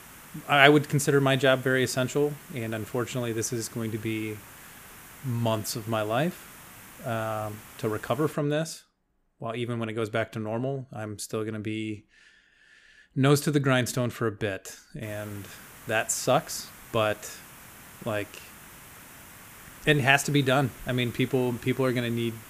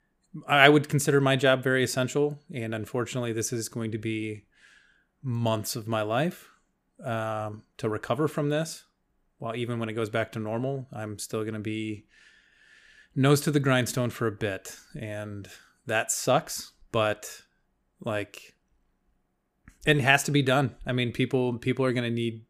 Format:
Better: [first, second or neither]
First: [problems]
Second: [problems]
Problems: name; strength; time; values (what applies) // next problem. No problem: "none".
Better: second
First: hiss; noticeable; until 8.5 s and from 15 s on; 20 dB below the speech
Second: none